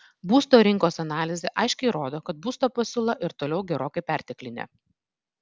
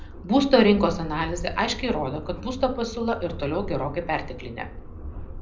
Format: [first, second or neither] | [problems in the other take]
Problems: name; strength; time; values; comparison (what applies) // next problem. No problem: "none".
first | background sound (Subway, metro, underground); 11 dB below the speech // room echo; dies away in 0.4 s